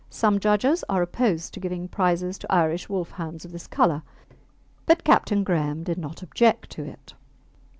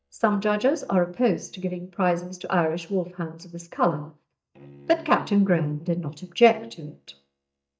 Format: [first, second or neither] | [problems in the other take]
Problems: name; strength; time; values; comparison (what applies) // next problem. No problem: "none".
first | noise reduction (neural mask model DeepFilterNet 3)